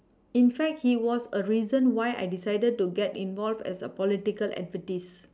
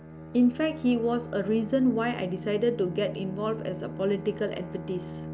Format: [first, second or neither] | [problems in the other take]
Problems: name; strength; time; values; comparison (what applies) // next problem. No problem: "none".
first | background sound (Bowed string instrument); 11 dB below the speech